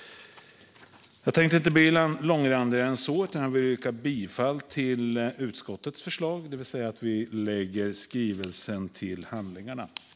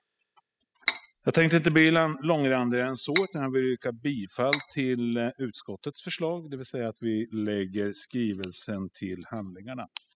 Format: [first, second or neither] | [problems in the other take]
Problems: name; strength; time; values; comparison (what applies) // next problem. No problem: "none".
first | noise reduction (classical method spectral subtraction)